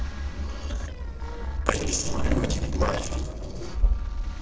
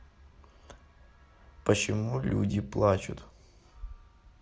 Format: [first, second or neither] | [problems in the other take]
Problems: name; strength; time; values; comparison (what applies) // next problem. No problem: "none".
second | noise reduction (neural separator model SepFormer DNS4)